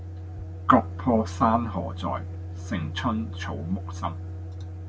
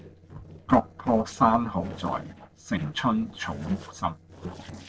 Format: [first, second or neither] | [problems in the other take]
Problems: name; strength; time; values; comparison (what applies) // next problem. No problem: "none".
first | noise reduction (neural separator model SepFormer DNS4)